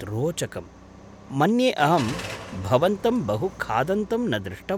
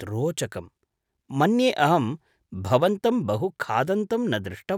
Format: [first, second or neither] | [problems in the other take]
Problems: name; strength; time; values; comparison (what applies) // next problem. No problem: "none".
second | background sound (Car); 16 dB below the speech